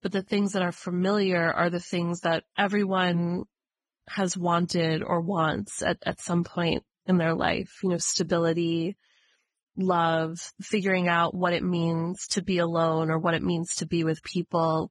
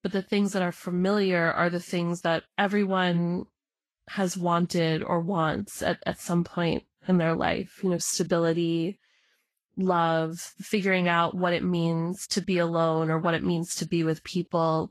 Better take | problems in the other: second | garbled, watery; badly; slightly in the second

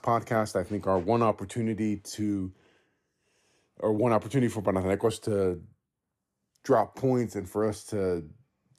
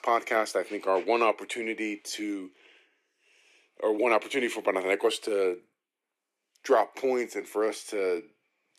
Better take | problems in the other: first | thin; somewhat; fading below 350 Hz

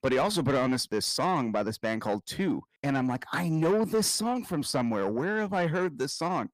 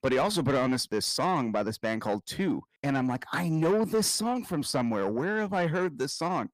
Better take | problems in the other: neither | distortion; slight; 10 dB below the speech; the same in both

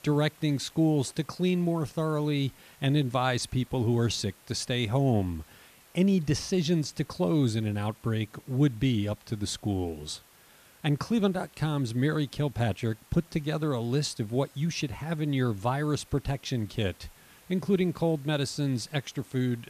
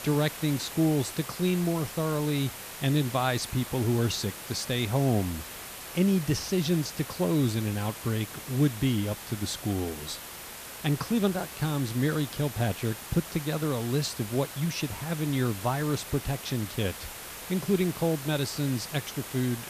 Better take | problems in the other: first | hiss; loud; throughout; 10 dB below the speech; faint in the first

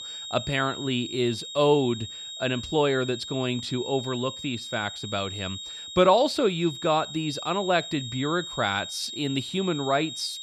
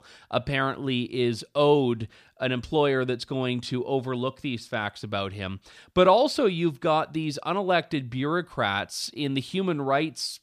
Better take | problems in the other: second | high-pitched whine; loud; throughout; 4 kHz, 9 dB below the speech

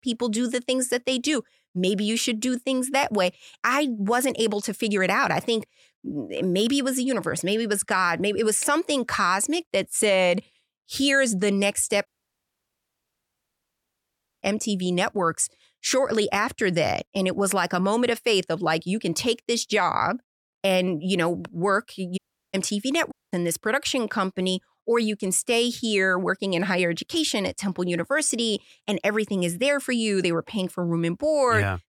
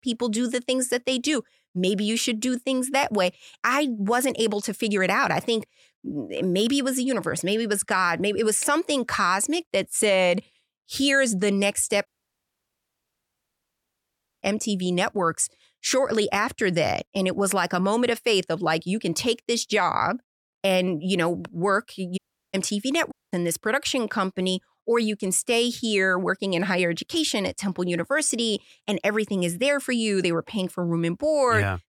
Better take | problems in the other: neither | audio cutting out; at 12 s for 2.5 s, at 22 s and at 23 s; the same in both

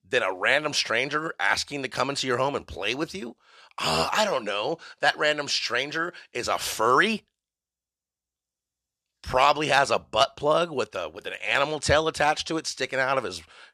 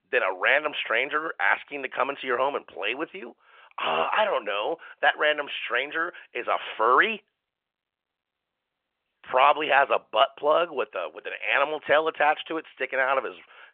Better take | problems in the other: first | phone-call audio; nothing above 3 kHz

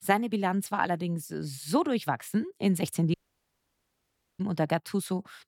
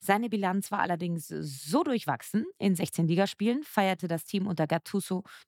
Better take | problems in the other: second | audio cutting out; at 3 s for 1 s

